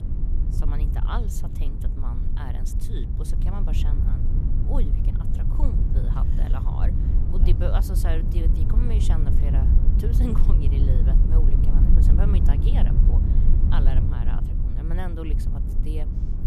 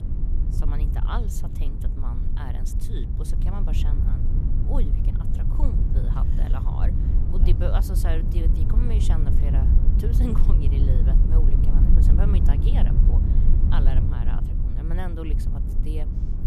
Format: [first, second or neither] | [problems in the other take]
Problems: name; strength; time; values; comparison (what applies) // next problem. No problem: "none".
neither | low rumble; loud; throughout; as loud as the speech; the same in both